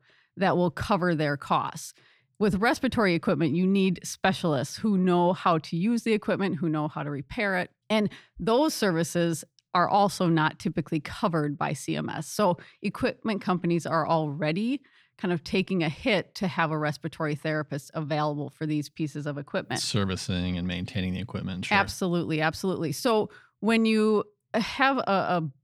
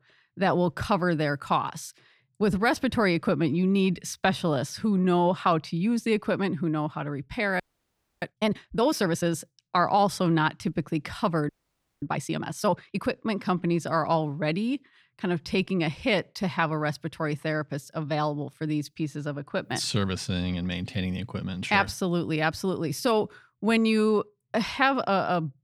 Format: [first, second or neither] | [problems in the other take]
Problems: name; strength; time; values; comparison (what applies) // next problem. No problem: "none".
first | audio freezing; at 7.5 s for 0.5 s and at 11 s for 0.5 s